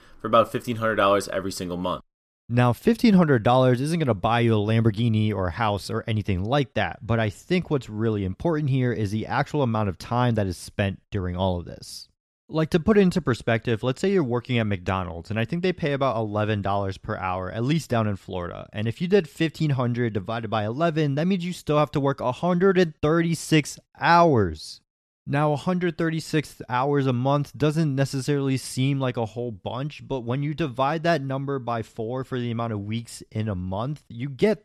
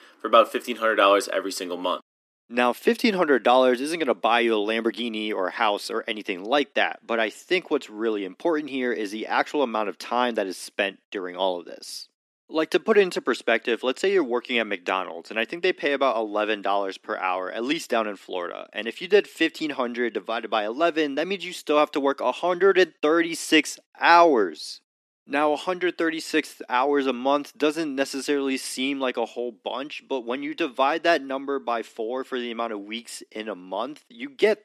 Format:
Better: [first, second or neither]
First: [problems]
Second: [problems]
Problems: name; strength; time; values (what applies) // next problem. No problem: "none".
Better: first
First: none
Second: thin; somewhat; fading below 250 Hz